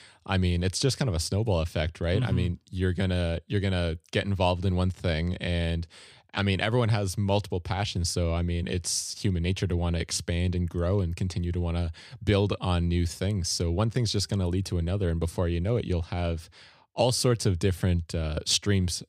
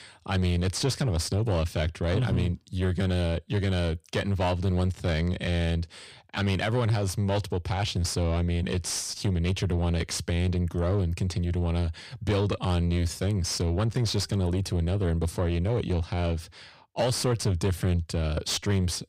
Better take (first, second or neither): first